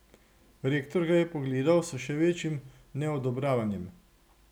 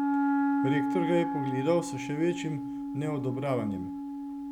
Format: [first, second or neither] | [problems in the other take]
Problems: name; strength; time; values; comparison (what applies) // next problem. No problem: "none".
first | background sound (Wind instrument, woodwind instrument); 1 dB above the speech